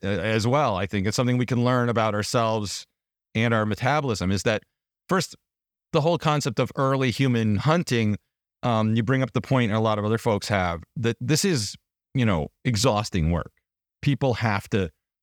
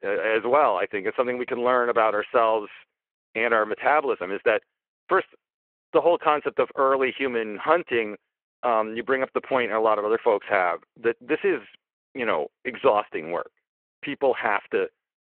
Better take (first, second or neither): first